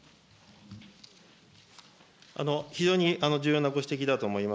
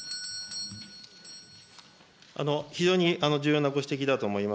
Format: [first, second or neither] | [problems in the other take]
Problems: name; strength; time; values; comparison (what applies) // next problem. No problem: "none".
first | background sound (Doorbell); 15 dB below the speech